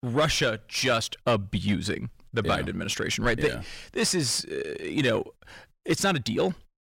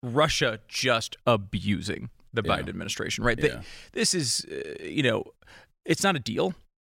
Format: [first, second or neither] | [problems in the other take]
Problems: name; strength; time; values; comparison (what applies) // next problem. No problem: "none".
second | distortion; slight; 10 dB below the speech